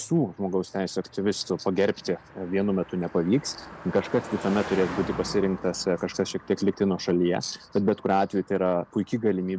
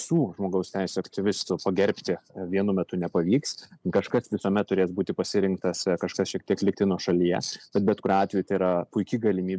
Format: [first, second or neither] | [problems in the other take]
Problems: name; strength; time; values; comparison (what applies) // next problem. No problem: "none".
second | background sound (Car passing by); 16 dB below the speech